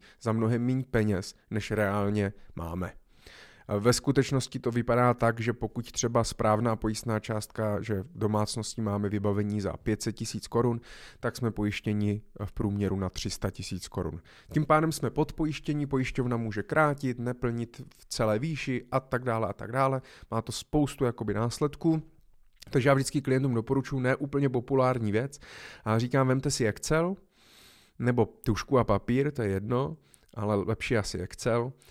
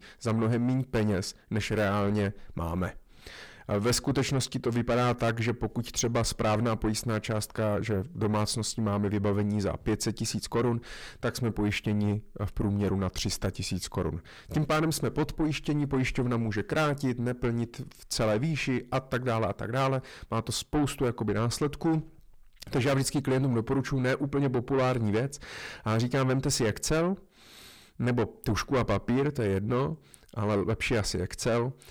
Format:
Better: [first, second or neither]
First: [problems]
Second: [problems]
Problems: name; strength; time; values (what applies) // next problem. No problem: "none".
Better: first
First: none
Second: distortion; heavy; 8 dB below the speech